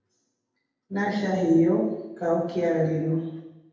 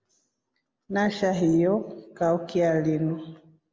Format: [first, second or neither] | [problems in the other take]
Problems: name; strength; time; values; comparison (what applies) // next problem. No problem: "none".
second | room echo; dies away in 0.8 s